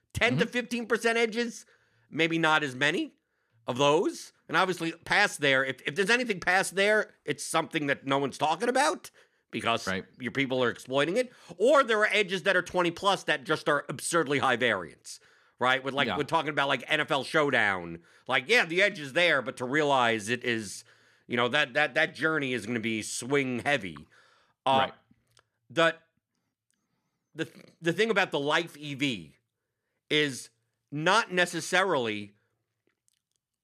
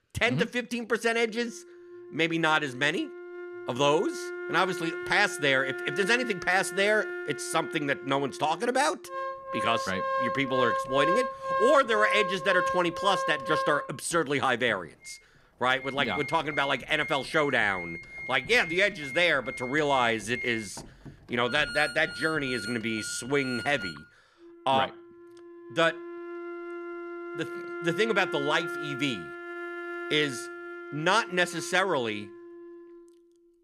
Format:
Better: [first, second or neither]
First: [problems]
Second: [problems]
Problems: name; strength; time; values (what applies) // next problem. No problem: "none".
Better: first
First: none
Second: background music; loud; throughout; 8 dB below the speech